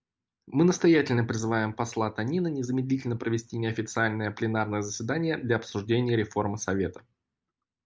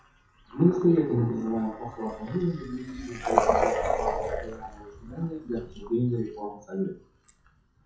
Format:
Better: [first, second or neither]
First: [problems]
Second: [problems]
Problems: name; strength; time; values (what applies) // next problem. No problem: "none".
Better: first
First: none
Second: noise reduction (classical method WPE with log-MMSE)